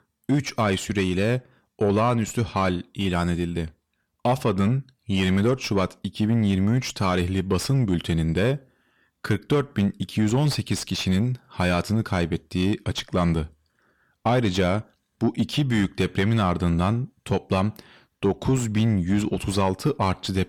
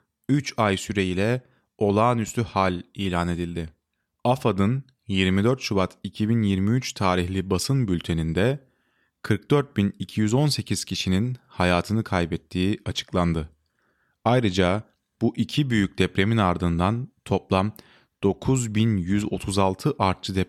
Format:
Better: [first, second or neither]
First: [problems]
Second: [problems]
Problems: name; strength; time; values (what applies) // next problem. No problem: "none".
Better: second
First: distortion; slight; 10 dB below the speech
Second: none